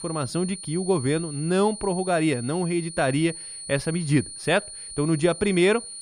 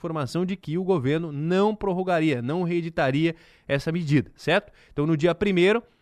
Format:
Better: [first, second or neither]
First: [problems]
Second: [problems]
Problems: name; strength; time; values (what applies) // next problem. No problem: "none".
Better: second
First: high-pitched whine; noticeable; throughout; 9.5 kHz, 10 dB below the speech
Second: none